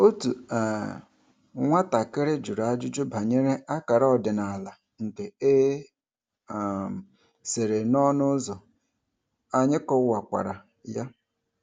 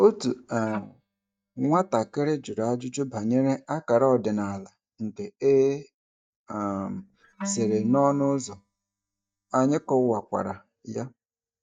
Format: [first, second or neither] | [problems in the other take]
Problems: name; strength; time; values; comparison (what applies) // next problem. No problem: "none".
first | noise reduction (neural mask model DeepFilterNet 3)